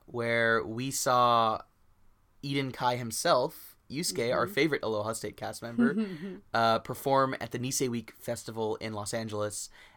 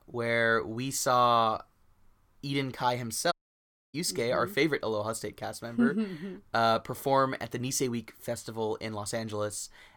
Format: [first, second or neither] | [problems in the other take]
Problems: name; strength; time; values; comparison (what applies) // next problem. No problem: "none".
first | audio cutting out; at 3.5 s for 0.5 s